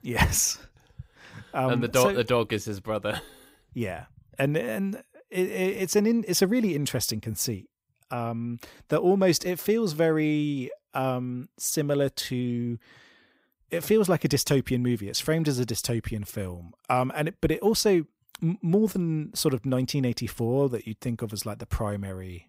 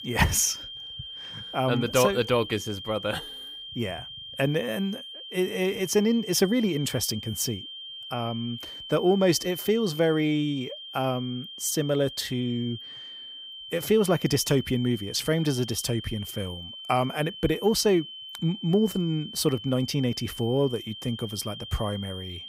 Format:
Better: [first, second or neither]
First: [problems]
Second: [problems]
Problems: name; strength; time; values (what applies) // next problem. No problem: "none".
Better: first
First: none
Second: high-pitched whine; noticeable; throughout; 3 kHz, 10 dB below the speech